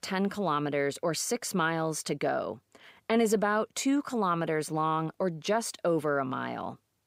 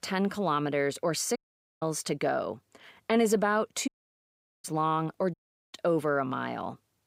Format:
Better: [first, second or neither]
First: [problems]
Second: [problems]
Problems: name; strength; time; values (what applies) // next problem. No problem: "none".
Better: first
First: none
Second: audio cutting out; at 1.5 s, at 4 s for 1 s and at 5.5 s